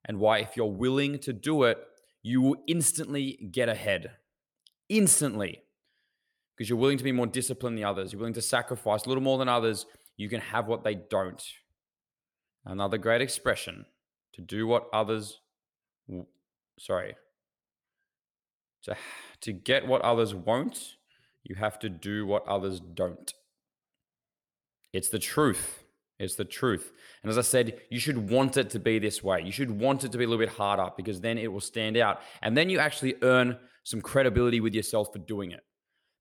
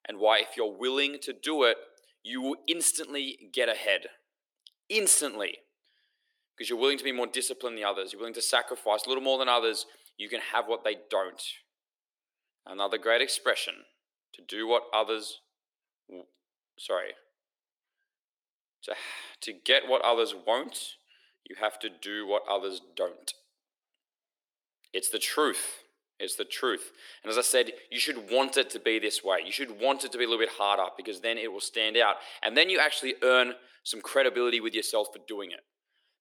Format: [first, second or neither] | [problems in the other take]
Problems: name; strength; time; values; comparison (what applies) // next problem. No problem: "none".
first | thin; somewhat; fading below 300 Hz